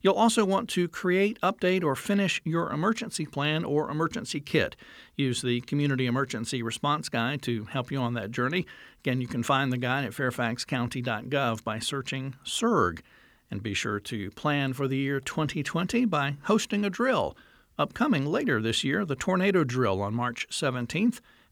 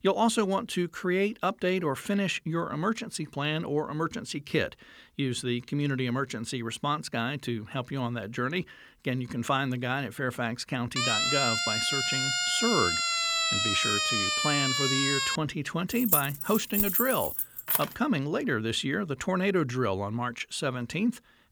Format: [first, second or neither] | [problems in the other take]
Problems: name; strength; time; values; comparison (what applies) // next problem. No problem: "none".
first | siren; loud; from 11 to 15 s; peak 6 dB above the speech // jangling keys; loud; from 16 to 18 s; peak 5 dB above the speech